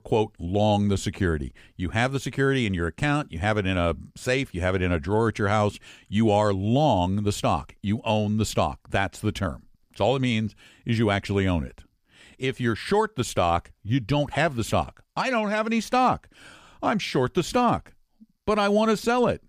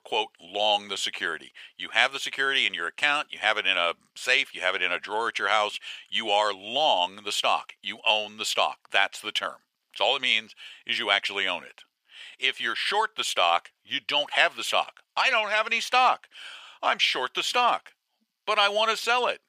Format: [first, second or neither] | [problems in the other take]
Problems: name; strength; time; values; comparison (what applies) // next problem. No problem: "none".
first | thin; very; fading below 800 Hz